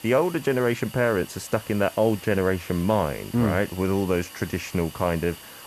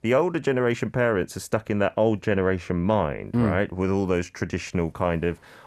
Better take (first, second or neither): second